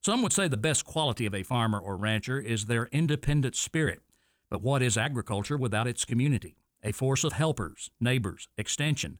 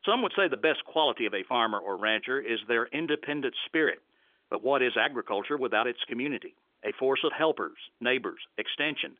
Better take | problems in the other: first | phone-call audio; nothing above 3.5 kHz

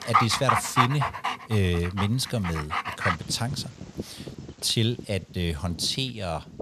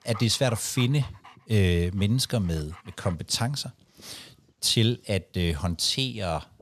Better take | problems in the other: second | animal sounds; loud; throughout; 2 dB below the speech; faint in the second

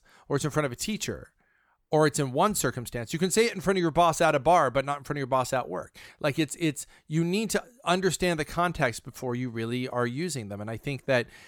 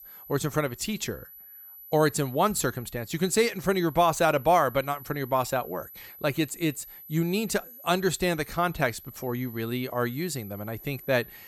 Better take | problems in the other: first | high-pitched whine; noticeable; throughout; 12 kHz, 15 dB below the speech

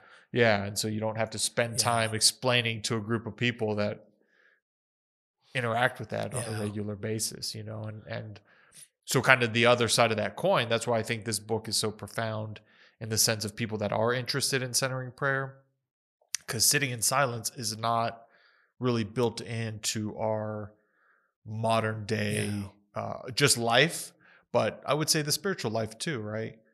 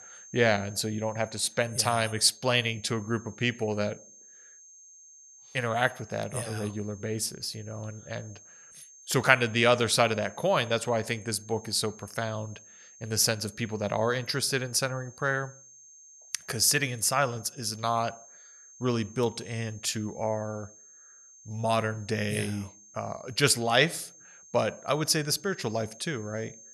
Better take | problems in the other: first | high-pitched whine; faint; throughout; 6.5 kHz, 20 dB below the speech

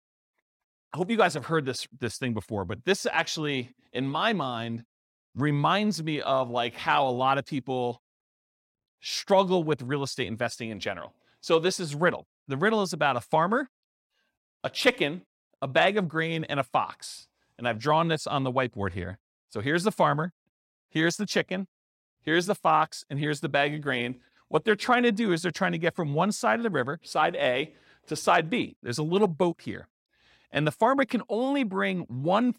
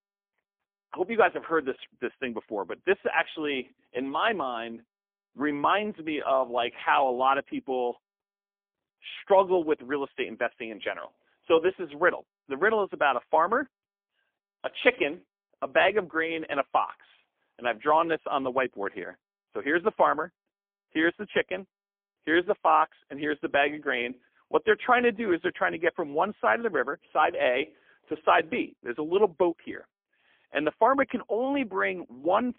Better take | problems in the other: first | phone-call audio; poor line; nothing above 3.5 kHz

